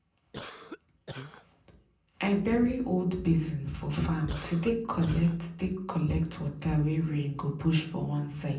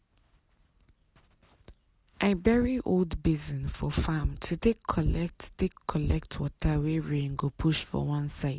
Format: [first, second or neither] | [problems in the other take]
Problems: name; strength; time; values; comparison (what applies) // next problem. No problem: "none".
second | background sound (Cough); 15 dB below the speech // room echo; dies away in 0.6 s